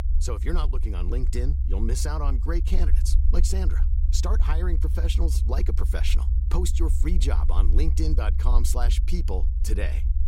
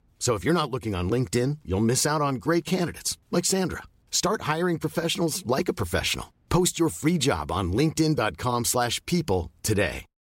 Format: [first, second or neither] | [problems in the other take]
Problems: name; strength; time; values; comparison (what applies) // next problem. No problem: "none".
second | low rumble; loud; throughout; 9 dB below the speech